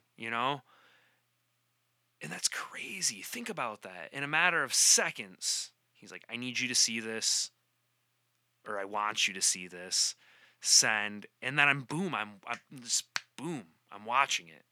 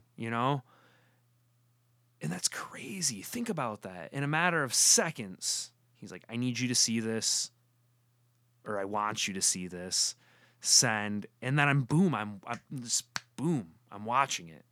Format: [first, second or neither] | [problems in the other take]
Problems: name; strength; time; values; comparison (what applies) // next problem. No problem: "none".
second | thin; somewhat; fading below 900 Hz